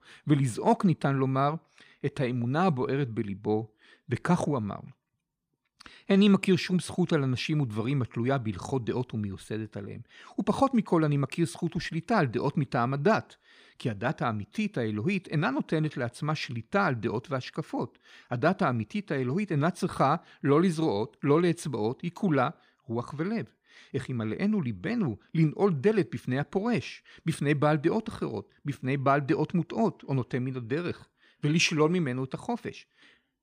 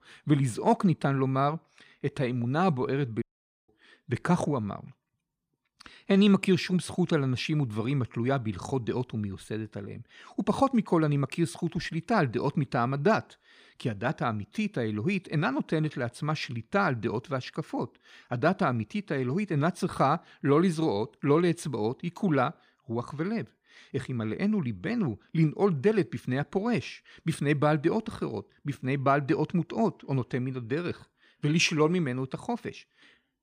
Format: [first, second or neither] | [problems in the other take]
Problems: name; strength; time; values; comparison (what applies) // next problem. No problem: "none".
first | audio cutting out; at 3 s